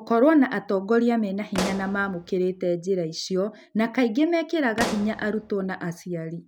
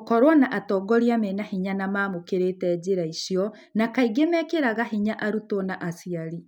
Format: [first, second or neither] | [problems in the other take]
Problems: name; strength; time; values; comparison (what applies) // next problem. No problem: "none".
second | background sound (Explosion); 11 dB below the speech